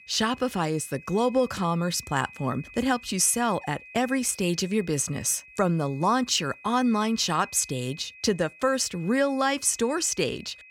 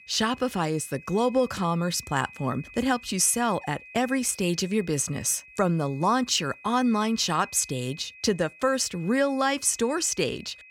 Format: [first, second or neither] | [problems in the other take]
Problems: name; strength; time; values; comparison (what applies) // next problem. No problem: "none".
neither | high-pitched whine; faint; throughout; 2.5 kHz, 20 dB below the speech; the same in both